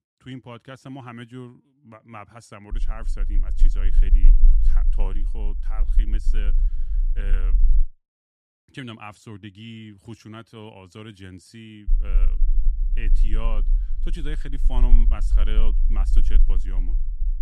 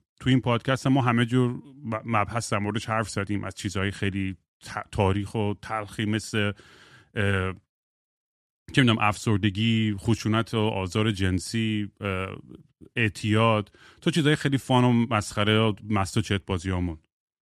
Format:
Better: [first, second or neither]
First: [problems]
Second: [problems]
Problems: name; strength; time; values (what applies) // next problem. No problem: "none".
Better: second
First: low rumble; noticeable; from 2.5 to 8 s and from 12 s on; 10 dB below the speech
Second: none